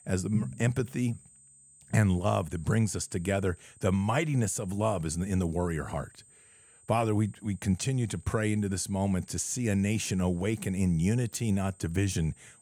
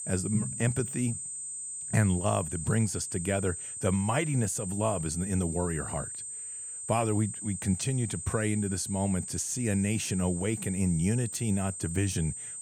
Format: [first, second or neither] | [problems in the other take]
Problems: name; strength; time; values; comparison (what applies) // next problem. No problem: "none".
first | high-pitched whine; loud; throughout; 8 kHz, 6 dB below the speech; faint in the first